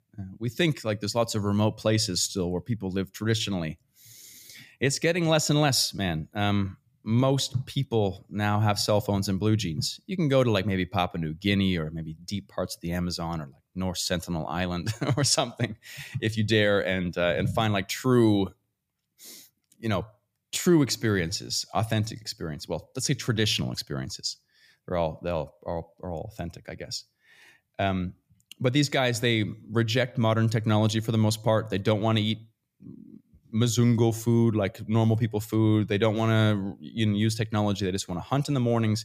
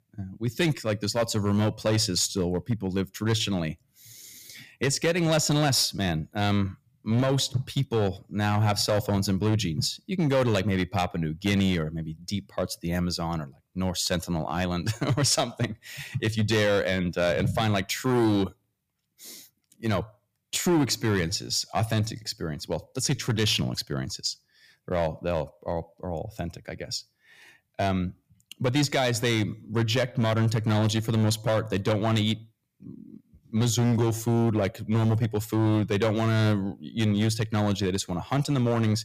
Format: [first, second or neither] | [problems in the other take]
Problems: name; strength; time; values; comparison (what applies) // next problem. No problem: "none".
first | distortion; slight; 6% of the sound clipped